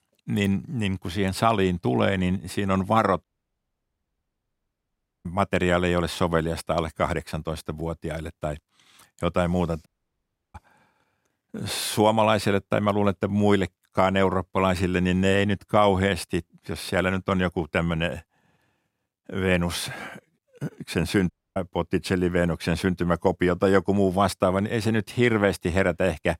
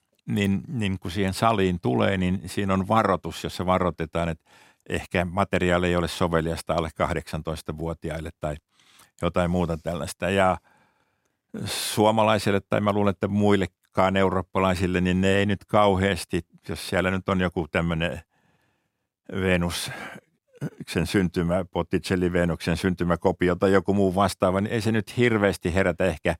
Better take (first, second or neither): second